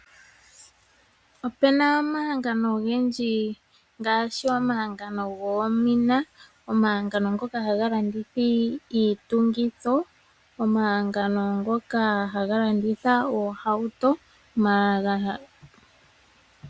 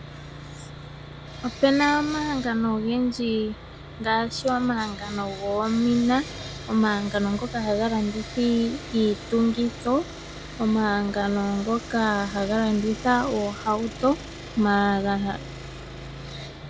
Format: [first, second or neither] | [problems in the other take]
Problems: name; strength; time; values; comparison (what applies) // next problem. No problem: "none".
first | background sound (Sawing); 13 dB below the speech